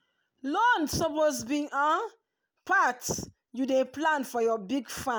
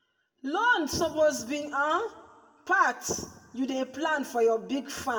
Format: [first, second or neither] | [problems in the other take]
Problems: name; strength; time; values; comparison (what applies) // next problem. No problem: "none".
first | room echo; dies away in 0.8 s